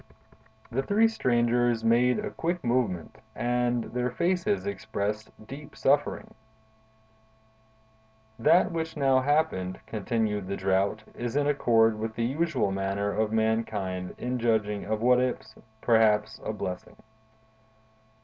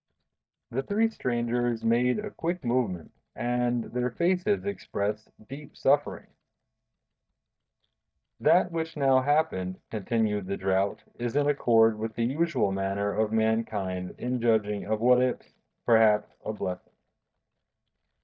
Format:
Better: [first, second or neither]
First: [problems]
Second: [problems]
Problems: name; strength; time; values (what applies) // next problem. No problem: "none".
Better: first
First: none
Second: noise reduction (neural mask model DeepFilterNet 3)